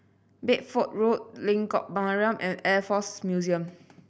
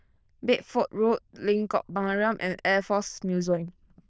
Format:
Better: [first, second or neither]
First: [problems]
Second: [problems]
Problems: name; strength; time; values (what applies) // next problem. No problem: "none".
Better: first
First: none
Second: noise reduction (neural diffusion model UNIVERSE++)